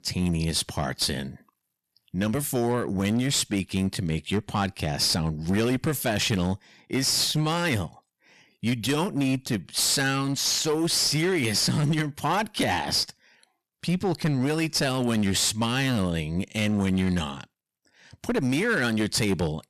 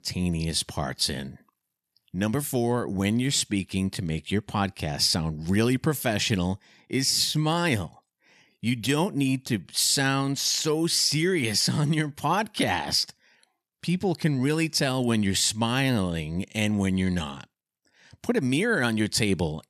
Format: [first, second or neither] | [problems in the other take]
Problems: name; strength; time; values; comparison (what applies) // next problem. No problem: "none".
second | distortion; slight; 11% of the sound clipped